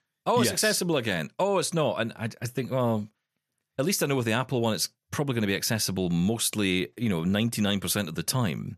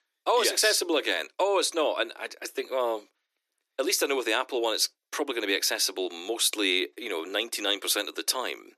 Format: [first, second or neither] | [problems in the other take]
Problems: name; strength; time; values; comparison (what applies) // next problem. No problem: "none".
first | thin; very; fading below 300 Hz